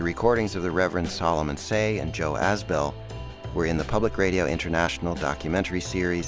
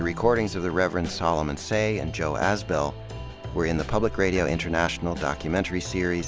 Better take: first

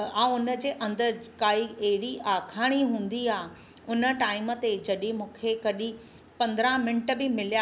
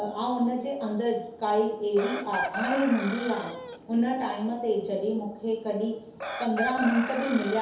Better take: first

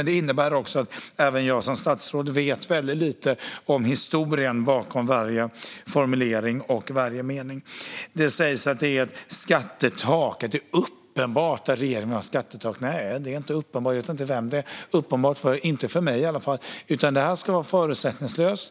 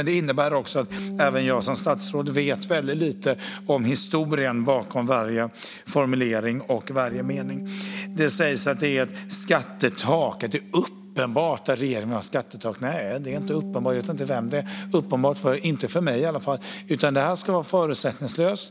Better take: first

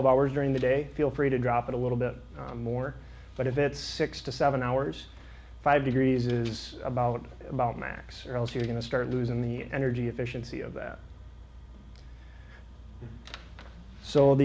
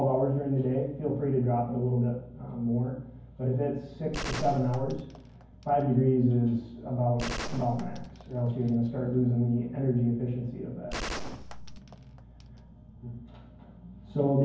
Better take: first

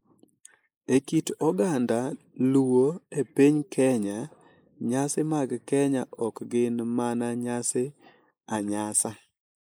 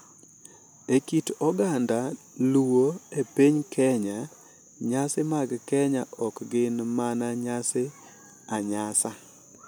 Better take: second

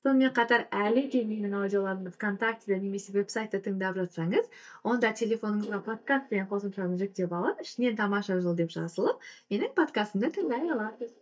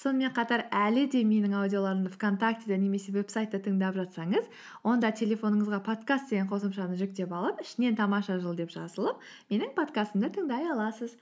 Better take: second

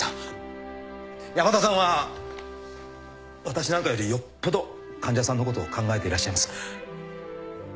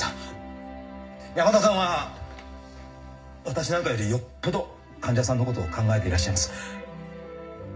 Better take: first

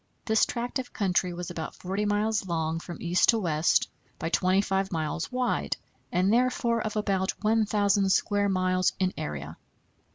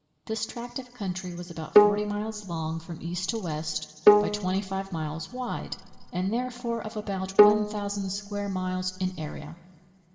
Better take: first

